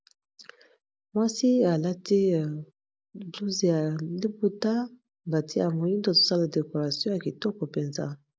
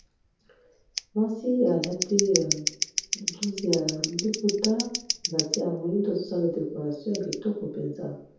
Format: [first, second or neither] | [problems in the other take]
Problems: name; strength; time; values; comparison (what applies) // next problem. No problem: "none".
first | background sound (Scissors); 6 dB below the speech // room echo; dies away in 0.7 s